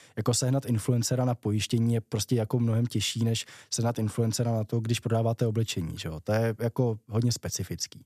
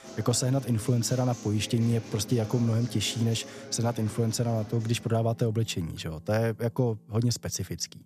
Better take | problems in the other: first | background music; noticeable; throughout; 15 dB below the speech

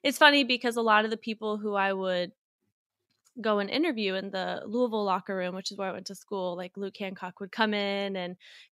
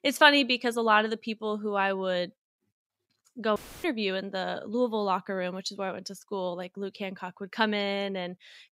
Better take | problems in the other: first | audio cutting out; filled with static; at 3.5 s

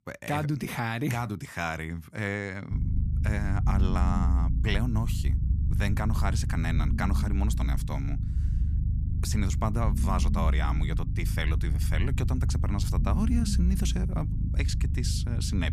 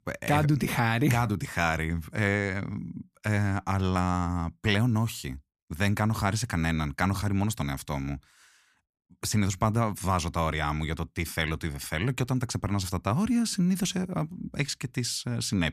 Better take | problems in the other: second | low rumble; loud; from 2.5 s on; 9 dB below the speech

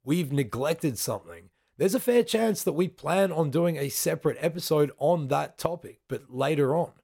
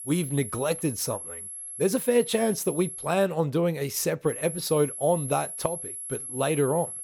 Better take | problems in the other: first | high-pitched whine; loud; until 3 s and from 4.5 s on; 11 kHz, 8 dB below the speech

